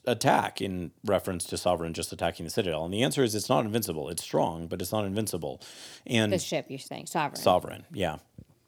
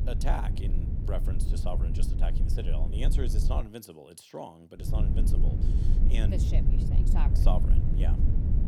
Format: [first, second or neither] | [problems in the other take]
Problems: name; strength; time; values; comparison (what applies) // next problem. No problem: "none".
first | low rumble; loud; until 3.5 s and from 5 s on; 3 dB below the speech